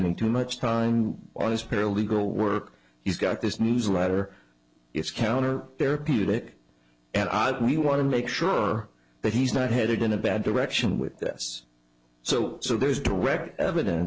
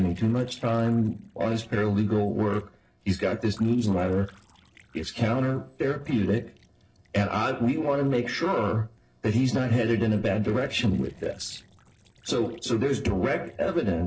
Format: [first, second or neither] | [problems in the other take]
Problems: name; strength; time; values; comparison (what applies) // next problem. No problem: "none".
first | noise reduction (neural separator model SepFormer DNS4)